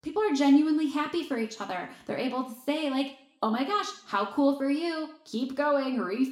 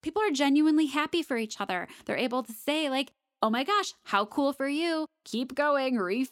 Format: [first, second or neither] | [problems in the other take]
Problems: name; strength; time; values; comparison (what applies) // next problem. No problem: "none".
second | room echo; slight; dies away in 0.5 s // off-mic speech; somewhat distant